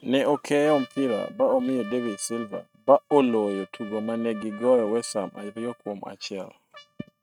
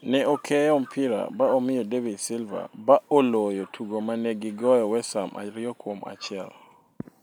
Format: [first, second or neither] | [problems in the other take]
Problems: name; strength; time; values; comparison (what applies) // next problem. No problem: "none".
second | noise reduction (neural mask model RNNoise)